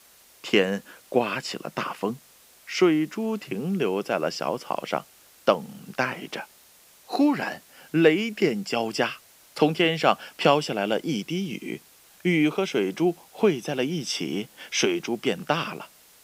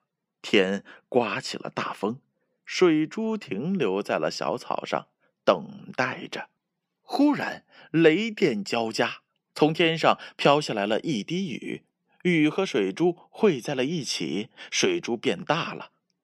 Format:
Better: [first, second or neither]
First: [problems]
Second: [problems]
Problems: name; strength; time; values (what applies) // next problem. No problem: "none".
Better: second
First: hiss; faint; throughout; 25 dB below the speech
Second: none